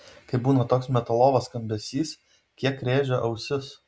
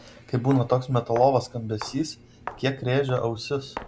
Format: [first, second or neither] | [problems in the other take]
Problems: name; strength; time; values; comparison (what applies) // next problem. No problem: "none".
first | background sound (Walk, footsteps); 17 dB below the speech